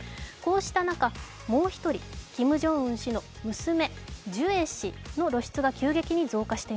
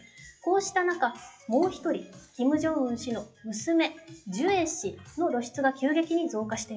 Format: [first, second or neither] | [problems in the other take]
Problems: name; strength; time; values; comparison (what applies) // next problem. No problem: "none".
first | noise reduction (classical method WPE with log-MMSE)